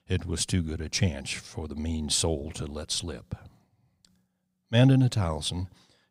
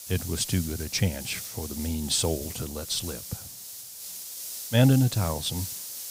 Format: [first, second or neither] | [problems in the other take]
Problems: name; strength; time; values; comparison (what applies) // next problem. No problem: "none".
first | hiss; loud; throughout; 9 dB below the speech